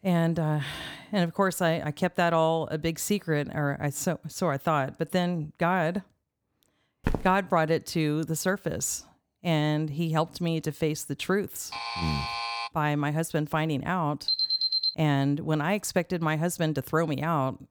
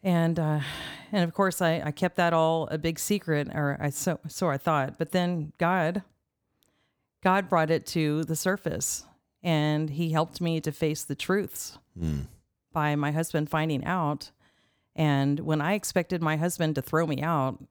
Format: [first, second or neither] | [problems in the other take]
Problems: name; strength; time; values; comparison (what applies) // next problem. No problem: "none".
second | footsteps; noticeable; at 7 s; peak 5 dB below the speech // alarm; noticeable; at 12 s; peak 3 dB below the speech // alarm; loud; at 14 s; peak 4 dB above the speech